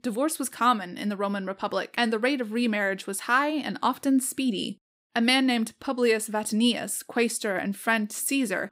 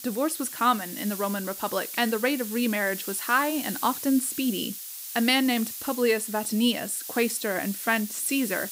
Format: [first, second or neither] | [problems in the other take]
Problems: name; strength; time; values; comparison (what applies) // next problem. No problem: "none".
first | hiss; loud; throughout; 8 dB below the speech